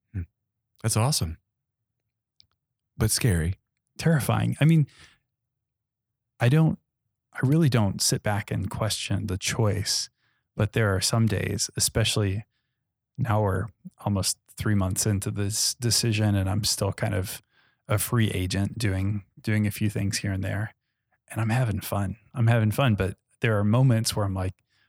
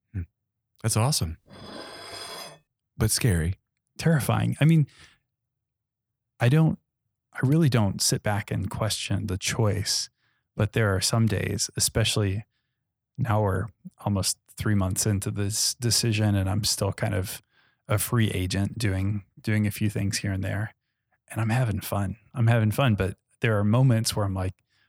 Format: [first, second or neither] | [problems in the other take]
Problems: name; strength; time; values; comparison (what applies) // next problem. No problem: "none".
first | clattering dishes; faint; from 1.5 to 2.5 s; peak 10 dB below the speech